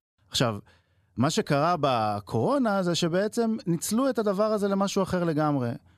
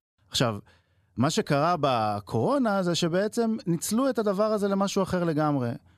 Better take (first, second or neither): neither